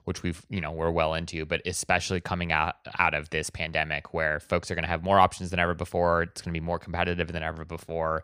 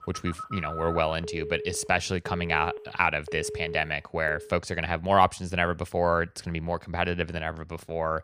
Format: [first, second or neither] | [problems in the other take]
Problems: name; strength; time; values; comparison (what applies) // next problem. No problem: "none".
first | phone ringing; noticeable; until 4.5 s; peak 8 dB below the speech